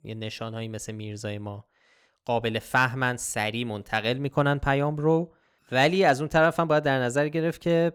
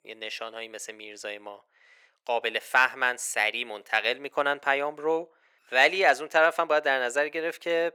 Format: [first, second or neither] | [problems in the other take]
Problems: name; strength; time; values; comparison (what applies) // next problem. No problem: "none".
first | thin; very; fading below 450 Hz